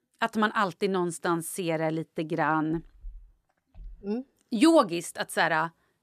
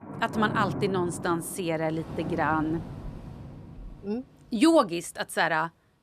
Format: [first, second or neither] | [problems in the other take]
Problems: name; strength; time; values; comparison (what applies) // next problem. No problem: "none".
first | rain or running water; noticeable; throughout; 10 dB below the speech